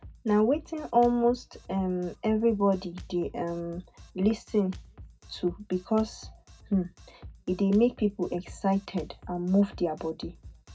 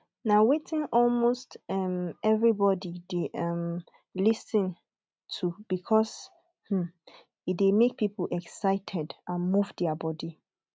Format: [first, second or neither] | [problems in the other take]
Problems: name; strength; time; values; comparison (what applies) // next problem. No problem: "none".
second | background sound (Drum kit); 19 dB below the speech // room echo; dies away in 0.2 s